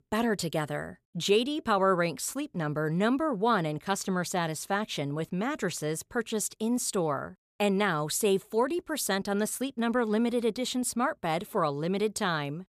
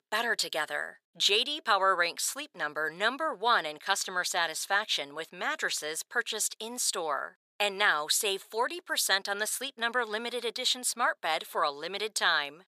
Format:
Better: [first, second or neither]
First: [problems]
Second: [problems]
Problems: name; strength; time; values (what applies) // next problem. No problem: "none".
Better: first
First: none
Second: thin; very; fading below 700 Hz